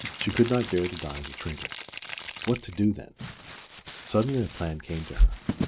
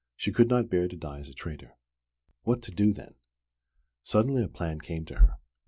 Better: second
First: background sound (Rattle (instrument) + Crumpling, crinkling); 10 dB below the speech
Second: none

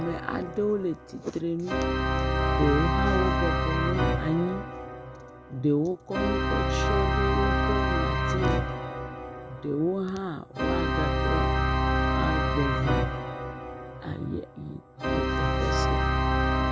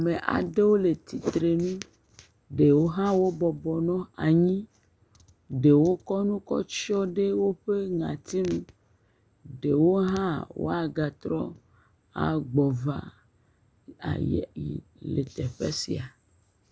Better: second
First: background sound (Organ); 5 dB above the speech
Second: none

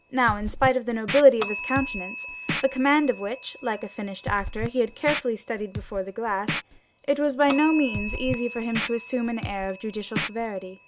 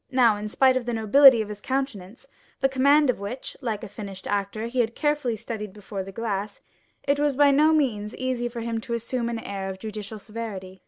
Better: second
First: background sound (Scratching (performance technique) + Bell); 9 dB below the speech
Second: none

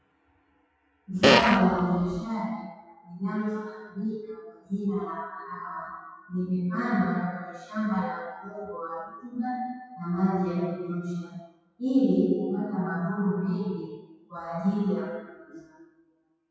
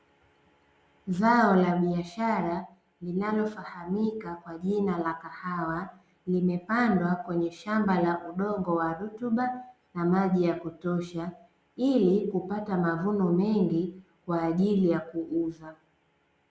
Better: second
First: noise reduction (classical method WPE with log-MMSE)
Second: none

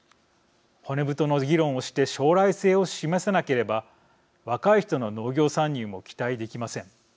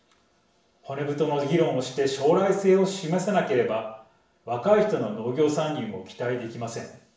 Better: first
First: none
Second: room echo; dies away in 0.6 s

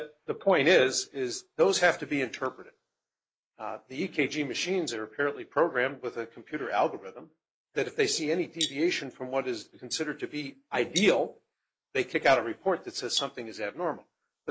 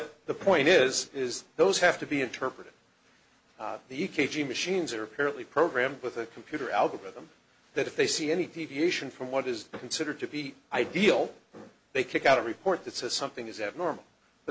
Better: second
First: noise reduction (neural mask model Resemble Enhance denoiser)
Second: none

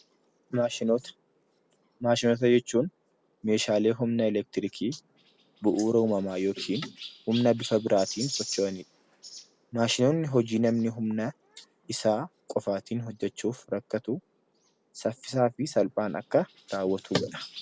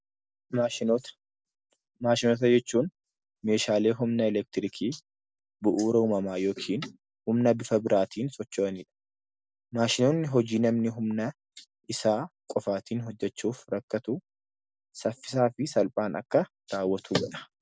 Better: second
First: background sound (Chirp, tweet); 18 dB below the speech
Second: none

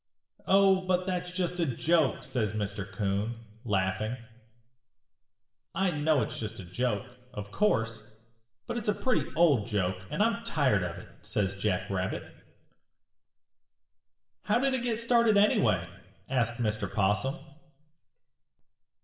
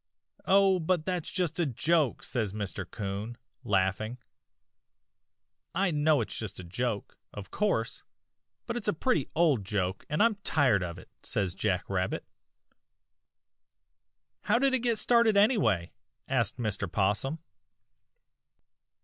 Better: second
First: room echo; dies away in 0.8 s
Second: none

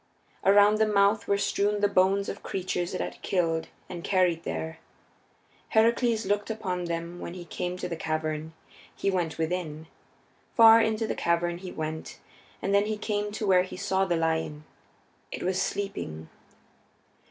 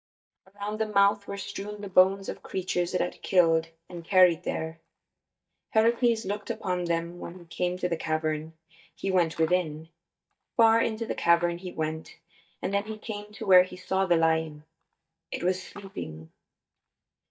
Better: first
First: none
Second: noise reduction (neural mask model DeepFilterNet 3)

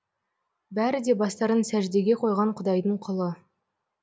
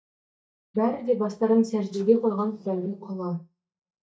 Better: first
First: none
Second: noise reduction (neural mask model DeepFilterNet 3)

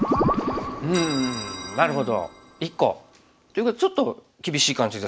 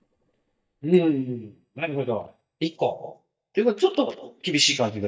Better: first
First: none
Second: noise reduction (neural mask model DeepFilterNet 3)

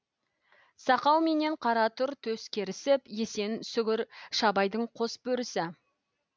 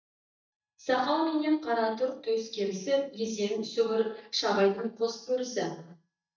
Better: first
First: none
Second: noise reduction (neural mask model DeepFilterNet 3)

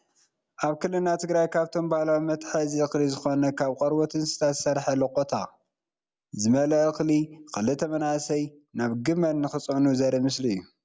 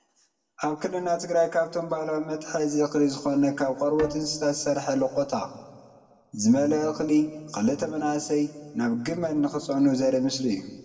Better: first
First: none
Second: background sound (Bowed string instrument); 15 dB below the speech // room echo; dies away in 1.4 s

